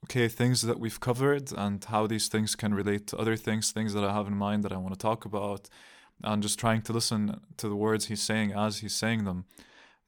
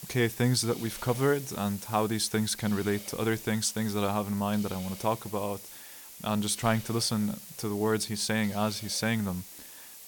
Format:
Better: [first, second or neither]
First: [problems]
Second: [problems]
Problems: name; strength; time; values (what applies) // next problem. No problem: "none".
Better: first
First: none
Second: hiss; noticeable; throughout; 15 dB below the speech